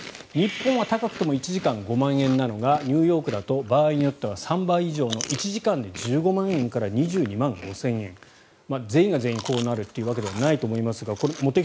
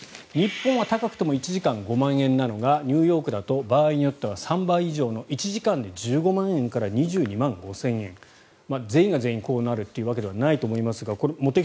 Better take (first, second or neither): second